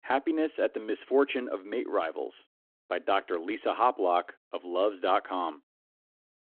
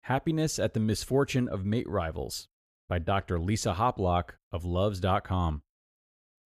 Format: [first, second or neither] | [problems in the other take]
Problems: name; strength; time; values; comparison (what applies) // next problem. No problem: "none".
second | phone-call audio